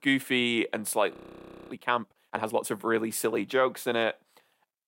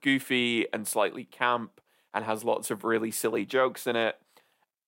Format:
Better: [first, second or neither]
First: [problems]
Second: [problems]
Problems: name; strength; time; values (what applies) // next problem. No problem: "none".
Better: second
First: audio freezing; at 1 s for 0.5 s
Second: none